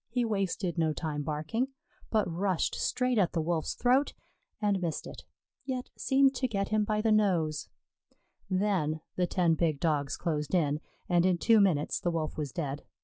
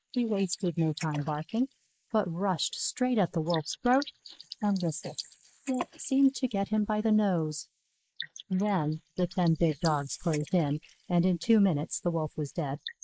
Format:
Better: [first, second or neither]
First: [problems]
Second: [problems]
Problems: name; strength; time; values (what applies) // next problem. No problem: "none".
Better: first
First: none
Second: noise reduction (neural mask model Resemble Enhance denoiser)